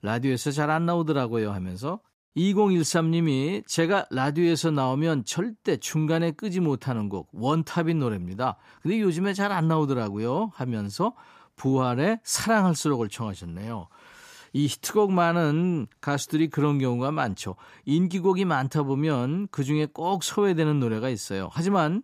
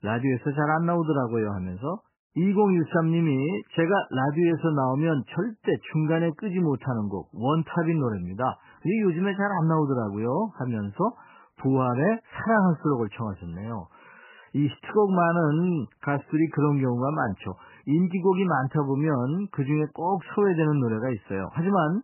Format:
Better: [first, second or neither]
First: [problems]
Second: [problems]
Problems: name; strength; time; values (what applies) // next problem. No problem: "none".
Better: first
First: none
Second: garbled, watery; badly; nothing above 3 kHz